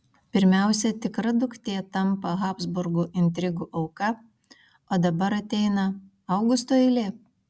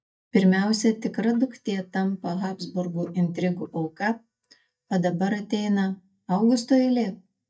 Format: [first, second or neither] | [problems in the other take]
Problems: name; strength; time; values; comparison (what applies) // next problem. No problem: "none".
first | noise reduction (neural mask model DeepFilterNet 3)